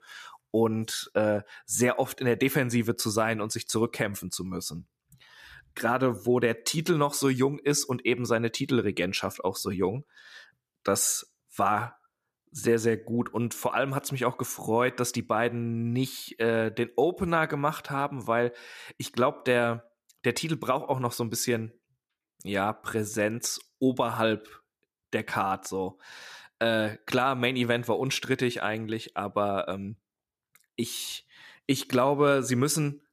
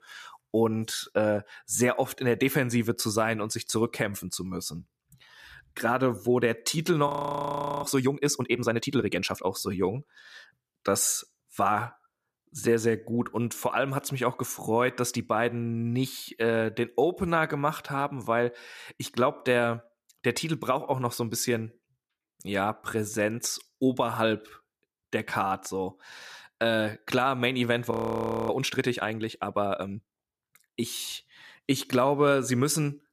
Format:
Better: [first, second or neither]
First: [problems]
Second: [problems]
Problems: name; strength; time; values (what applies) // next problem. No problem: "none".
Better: first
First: none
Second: audio freezing; at 7 s for 1 s and at 28 s for 0.5 s